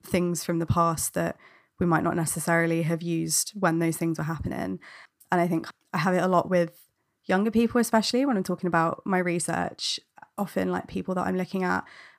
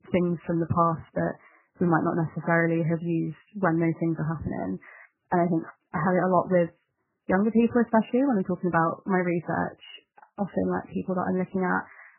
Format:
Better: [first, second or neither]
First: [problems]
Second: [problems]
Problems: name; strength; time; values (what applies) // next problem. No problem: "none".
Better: first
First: none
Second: garbled, watery; badly; nothing above 3 kHz